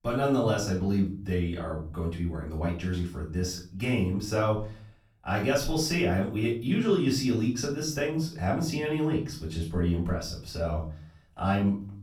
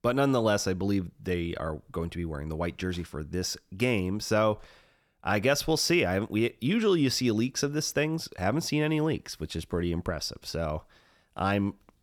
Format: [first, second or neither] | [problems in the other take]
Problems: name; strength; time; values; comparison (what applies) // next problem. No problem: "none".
second | off-mic speech; far // room echo; slight; dies away in 0.5 s